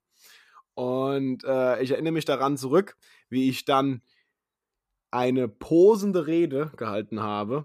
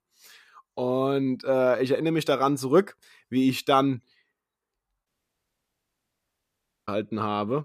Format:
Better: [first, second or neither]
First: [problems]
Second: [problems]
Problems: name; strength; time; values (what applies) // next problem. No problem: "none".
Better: first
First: none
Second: audio cutting out; at 5 s for 2 s